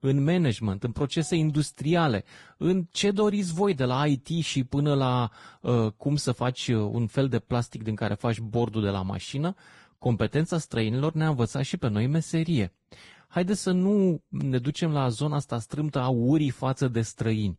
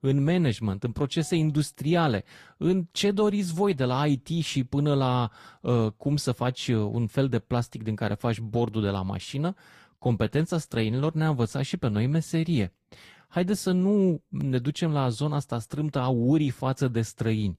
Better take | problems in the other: second | garbled, watery; badly; nothing above 10.5 kHz; slightly in the second

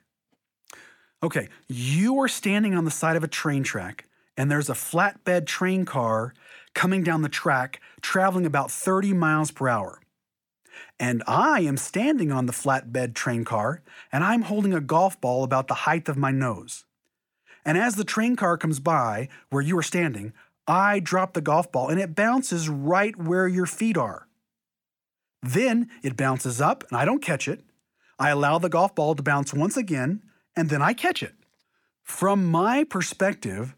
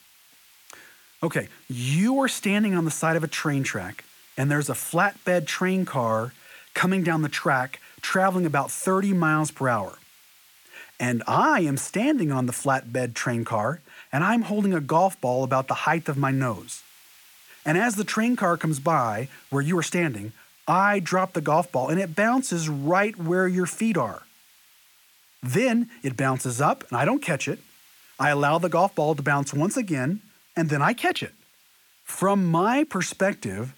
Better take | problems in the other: first | hiss; faint; throughout; 30 dB below the speech

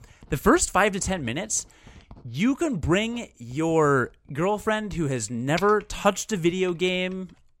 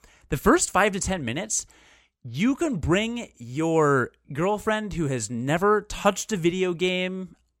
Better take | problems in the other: second | household noises; faint; throughout; 25 dB below the speech

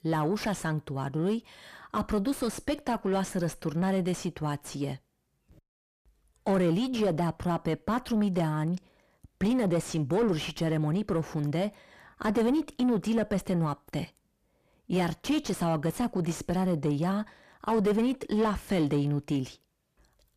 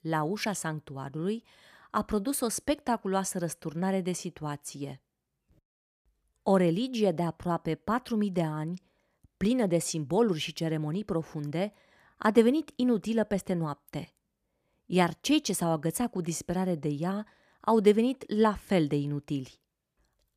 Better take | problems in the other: second | distortion; heavy; 6 dB below the speech

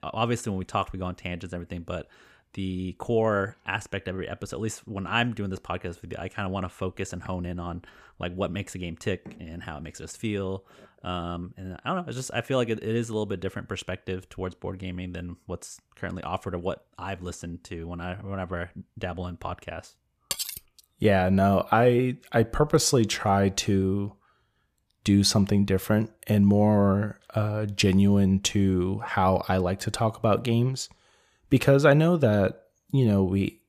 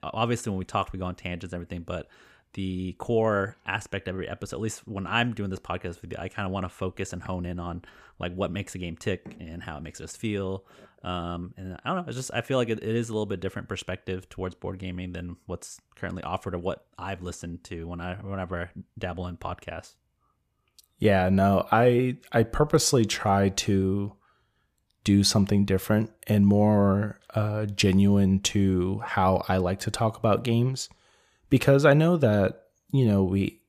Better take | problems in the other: second | clattering dishes; noticeable; at 20 s; peak 4 dB below the speech

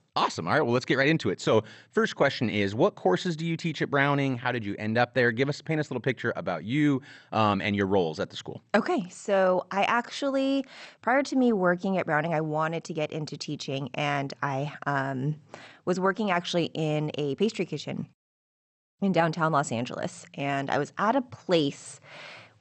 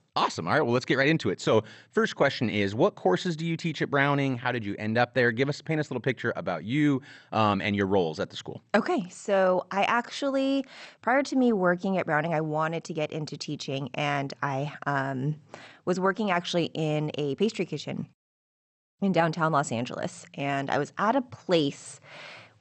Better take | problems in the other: neither | garbled, watery; slightly; nothing above 8.5 kHz; the same in both

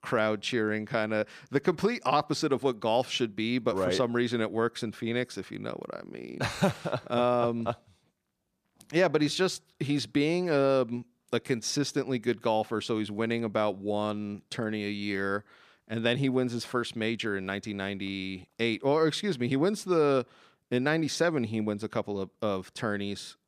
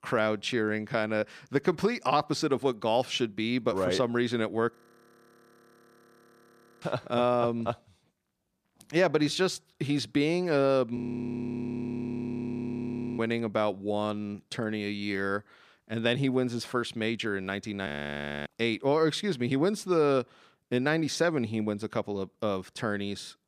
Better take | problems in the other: first | audio freezing; at 5 s for 2 s, at 11 s for 2 s and at 18 s for 0.5 s

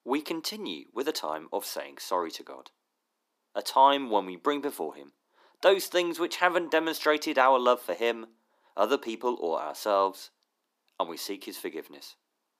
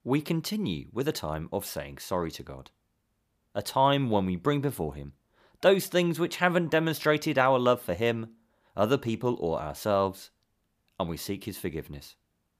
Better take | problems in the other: second | thin; somewhat; fading below 250 Hz

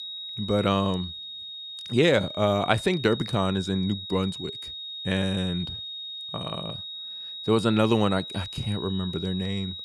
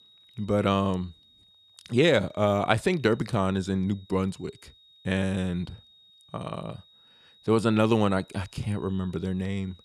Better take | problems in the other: second | high-pitched whine; loud; throughout; 3.5 kHz, 9 dB below the speech; faint in the second

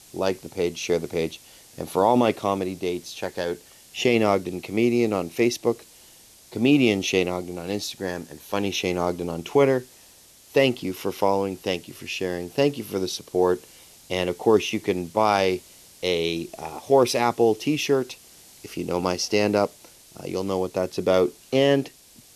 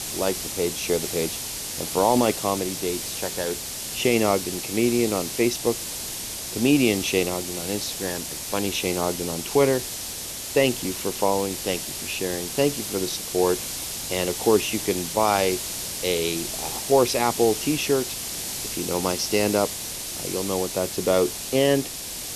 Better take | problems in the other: first | hiss; loud; throughout; 5 dB below the speech; faint in the first

